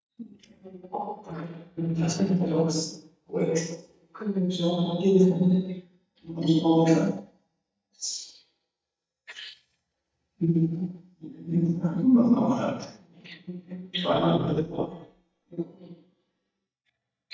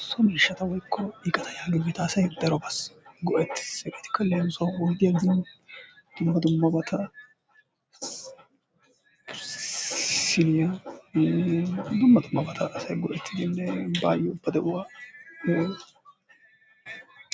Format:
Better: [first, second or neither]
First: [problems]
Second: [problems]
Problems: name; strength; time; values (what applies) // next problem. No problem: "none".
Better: second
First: noise reduction (neural mask model DeepFilterNet 3)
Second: none